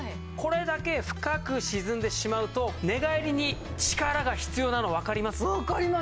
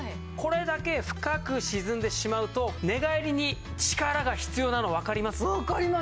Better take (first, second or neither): second